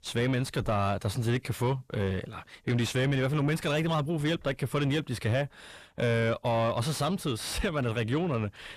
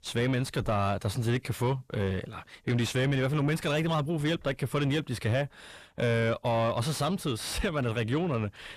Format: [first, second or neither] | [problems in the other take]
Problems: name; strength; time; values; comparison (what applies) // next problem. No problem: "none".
neither | distortion; slight; 10 dB below the speech; the same in both